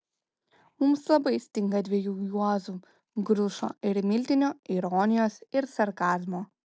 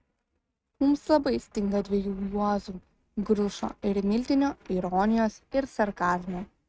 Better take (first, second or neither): first